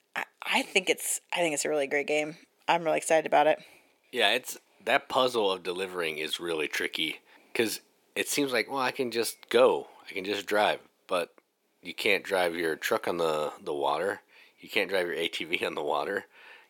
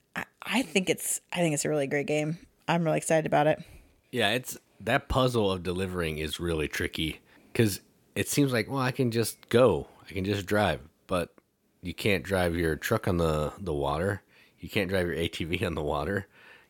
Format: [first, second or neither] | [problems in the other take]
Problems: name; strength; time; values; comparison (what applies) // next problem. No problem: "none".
second | thin; somewhat; fading below 400 Hz